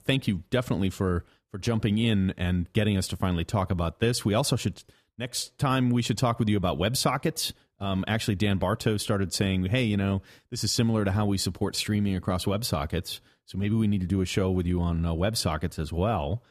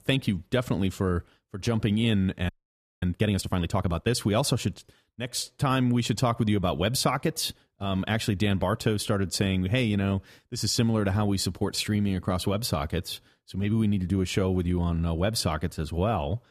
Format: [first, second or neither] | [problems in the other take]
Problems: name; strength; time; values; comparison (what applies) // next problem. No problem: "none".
first | audio freezing; at 2.5 s for 0.5 s